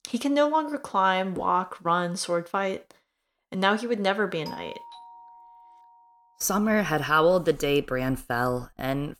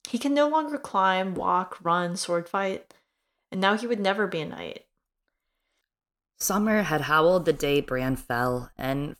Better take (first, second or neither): second